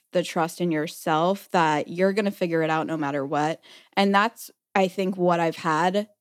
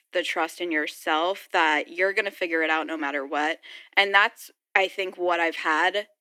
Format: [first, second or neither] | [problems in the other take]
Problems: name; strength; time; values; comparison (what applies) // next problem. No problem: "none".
first | thin; somewhat; fading below 300 Hz